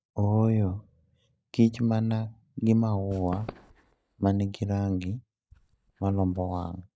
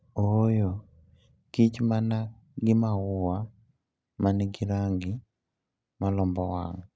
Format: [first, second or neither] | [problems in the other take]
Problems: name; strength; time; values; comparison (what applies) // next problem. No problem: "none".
second | noise reduction (neural mask model DeepFilterNet 3)